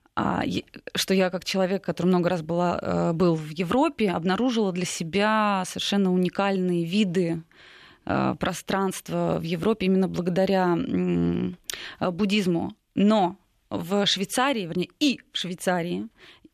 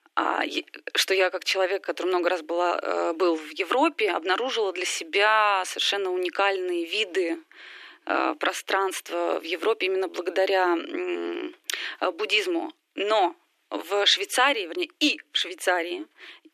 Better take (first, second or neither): first